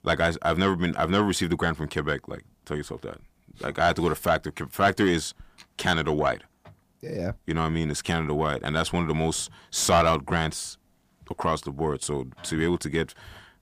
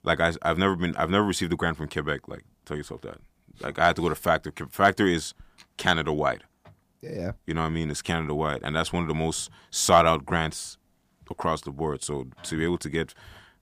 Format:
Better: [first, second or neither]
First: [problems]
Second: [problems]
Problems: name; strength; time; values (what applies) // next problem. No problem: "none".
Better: second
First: distortion; slight; 10 dB below the speech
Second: none